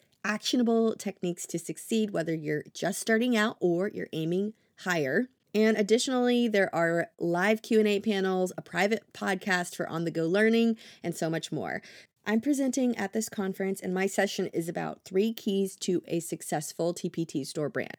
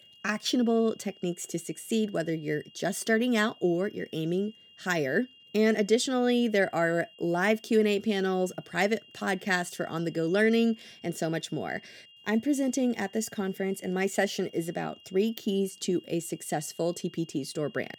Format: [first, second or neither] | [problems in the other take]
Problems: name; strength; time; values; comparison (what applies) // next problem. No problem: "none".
first | high-pitched whine; faint; throughout; 3 kHz, 25 dB below the speech